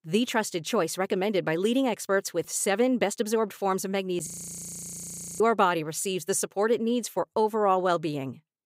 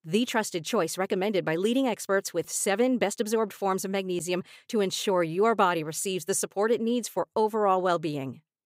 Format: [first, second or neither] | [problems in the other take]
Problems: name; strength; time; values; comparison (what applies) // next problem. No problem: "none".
second | audio freezing; at 4.5 s for 1 s